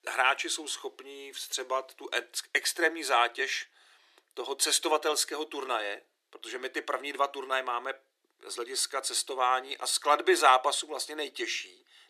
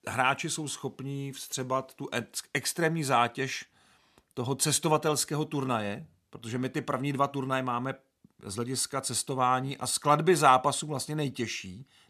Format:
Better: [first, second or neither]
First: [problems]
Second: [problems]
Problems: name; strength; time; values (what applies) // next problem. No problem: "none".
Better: second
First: thin; very; fading below 350 Hz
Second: none